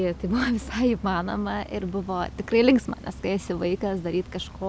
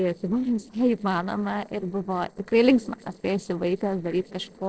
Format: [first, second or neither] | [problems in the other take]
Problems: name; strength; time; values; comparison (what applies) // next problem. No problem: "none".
first | noise reduction (neural separator model SepFormer DNS4)